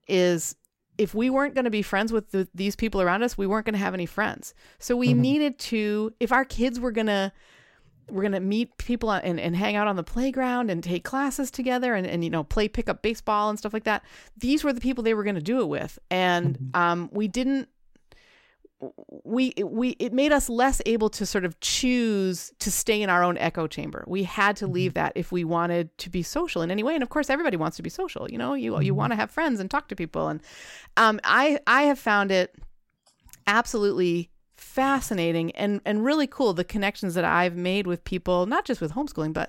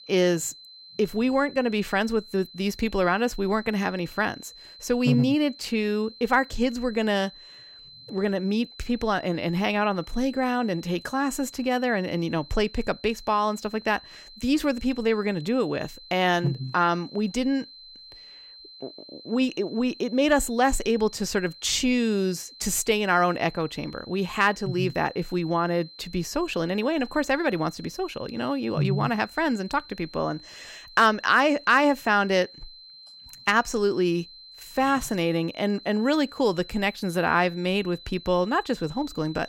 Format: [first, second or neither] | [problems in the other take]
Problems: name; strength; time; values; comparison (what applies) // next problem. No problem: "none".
first | high-pitched whine; noticeable; throughout; 4 kHz, 20 dB below the speech